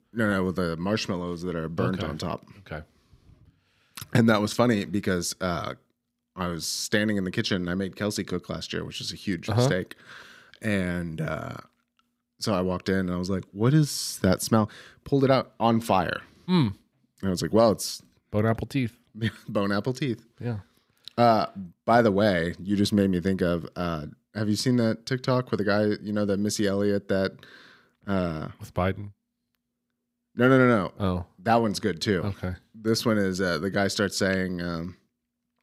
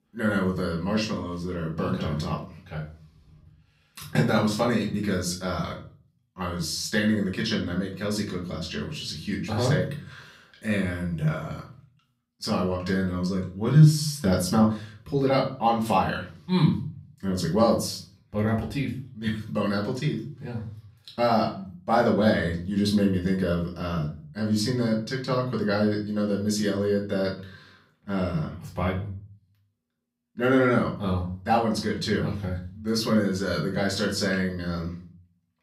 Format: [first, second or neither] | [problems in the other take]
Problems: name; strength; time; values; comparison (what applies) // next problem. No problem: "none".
first | off-mic speech; far // room echo; slight; dies away in 0.4 s